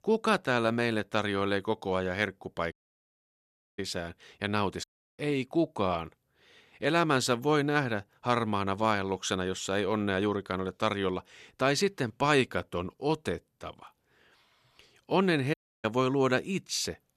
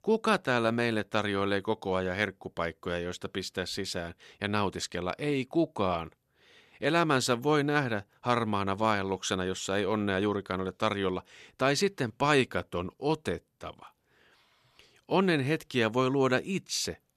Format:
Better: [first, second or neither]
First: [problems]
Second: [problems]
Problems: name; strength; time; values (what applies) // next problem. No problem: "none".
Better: second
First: audio cutting out; at 2.5 s for 1 s, at 5 s and at 16 s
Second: none